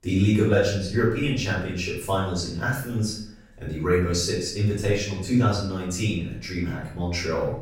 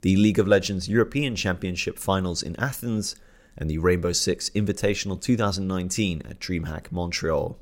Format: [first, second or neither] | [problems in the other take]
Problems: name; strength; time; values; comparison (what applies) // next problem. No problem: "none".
second | off-mic speech; far // room echo; noticeable; dies away in 0.6 s